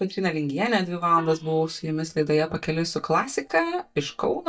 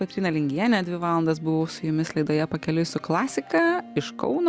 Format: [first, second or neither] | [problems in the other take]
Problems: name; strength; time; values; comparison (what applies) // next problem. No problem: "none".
second | noise reduction (neural mask model DeepFilterNet 3)